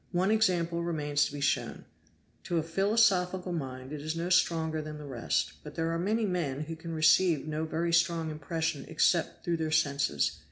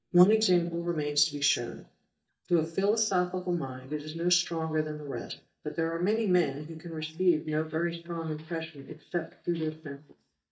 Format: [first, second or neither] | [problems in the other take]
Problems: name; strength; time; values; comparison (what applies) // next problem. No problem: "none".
first | noise reduction (neural mask model DeepFilterNet 3)